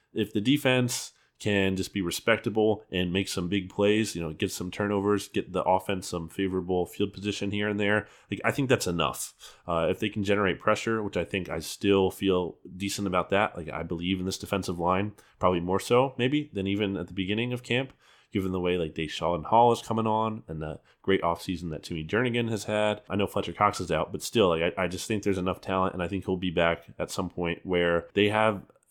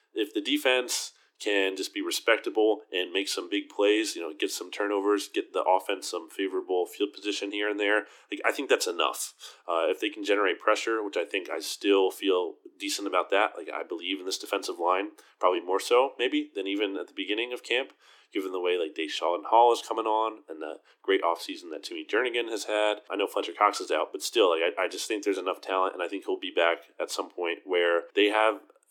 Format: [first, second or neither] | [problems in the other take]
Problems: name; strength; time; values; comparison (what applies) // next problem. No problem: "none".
first | thin; somewhat; fading below 300 Hz